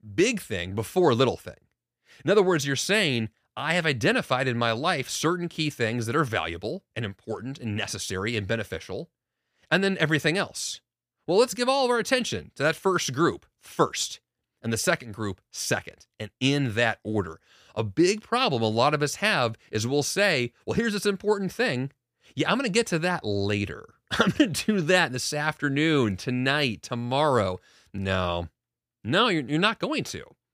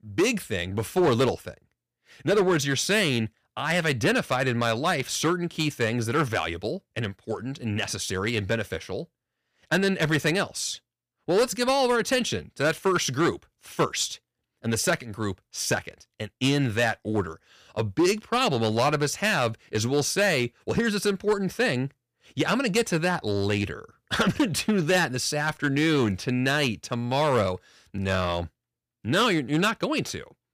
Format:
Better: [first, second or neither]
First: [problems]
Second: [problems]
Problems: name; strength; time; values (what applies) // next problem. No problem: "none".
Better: first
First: none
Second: distortion; slight; 4% of the sound clipped